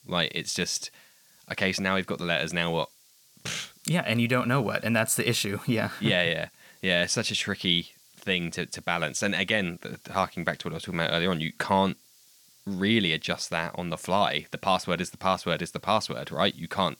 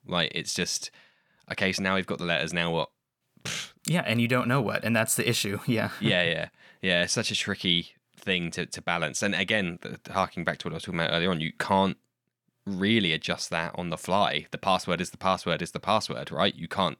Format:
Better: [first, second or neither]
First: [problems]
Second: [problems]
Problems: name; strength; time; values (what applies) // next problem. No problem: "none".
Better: second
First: hiss; faint; throughout; 30 dB below the speech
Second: none